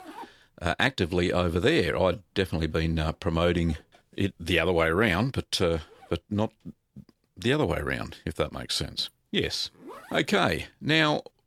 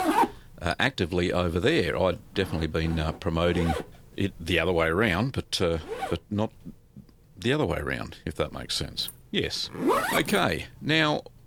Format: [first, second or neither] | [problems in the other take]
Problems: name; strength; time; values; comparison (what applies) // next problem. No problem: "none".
first | household noises; loud; throughout; 5 dB below the speech; faint in the first